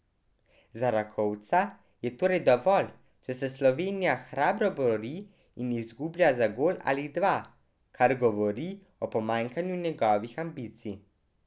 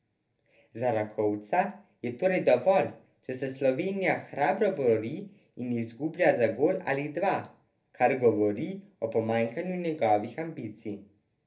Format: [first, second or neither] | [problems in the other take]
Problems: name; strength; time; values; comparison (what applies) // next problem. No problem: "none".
first | room echo; dies away in 0.3 s